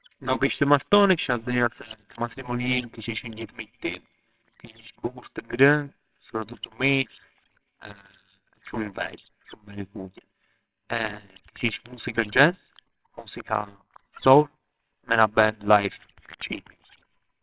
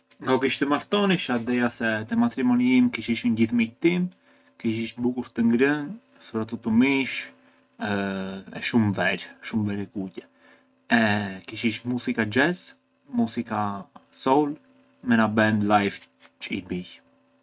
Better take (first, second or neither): second